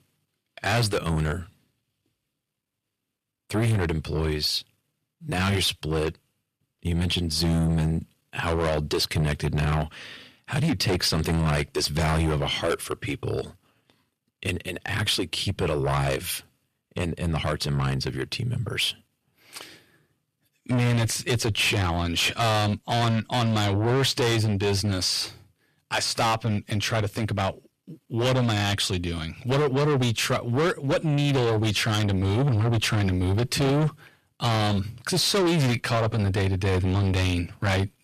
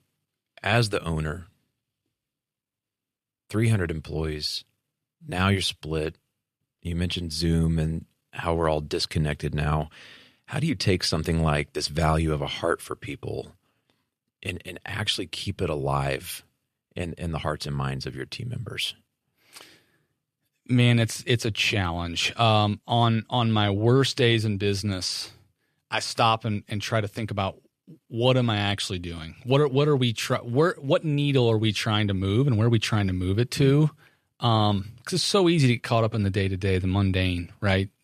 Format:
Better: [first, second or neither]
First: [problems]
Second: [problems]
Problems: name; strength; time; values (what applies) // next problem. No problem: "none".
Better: second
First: distortion; heavy; 6 dB below the speech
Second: none